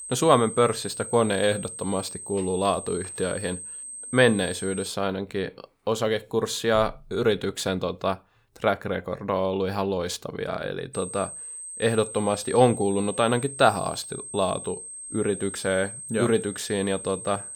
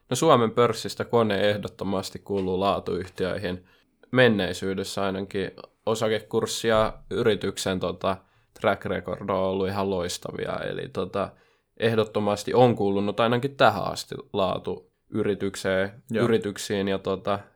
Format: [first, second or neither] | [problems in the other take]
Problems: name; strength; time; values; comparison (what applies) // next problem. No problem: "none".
second | high-pitched whine; loud; until 5 s and from 11 s on; 8.5 kHz, 10 dB below the speech